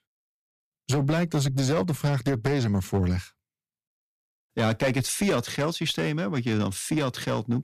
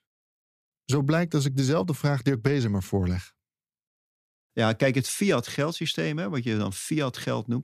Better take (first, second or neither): second